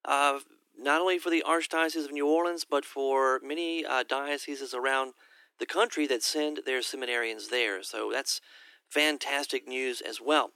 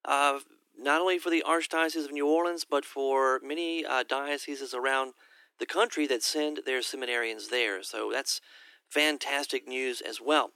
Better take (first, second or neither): neither